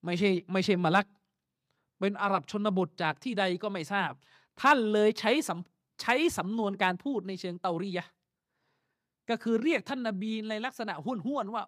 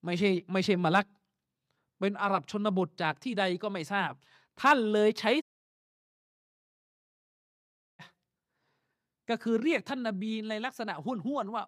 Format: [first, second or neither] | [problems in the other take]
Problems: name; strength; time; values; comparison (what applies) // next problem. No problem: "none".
first | audio cutting out; at 5.5 s for 2.5 s